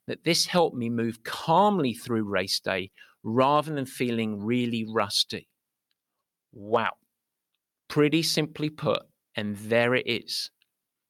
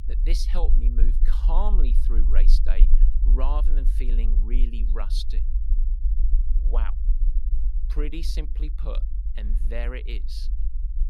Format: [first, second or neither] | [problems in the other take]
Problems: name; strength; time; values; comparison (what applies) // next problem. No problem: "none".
first | low rumble; noticeable; throughout; 10 dB below the speech